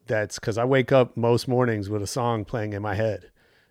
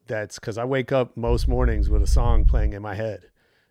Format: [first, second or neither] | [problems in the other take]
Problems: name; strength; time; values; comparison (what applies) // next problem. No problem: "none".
first | low rumble; very faint; from 1.5 to 2.5 s; 15 dB below the speech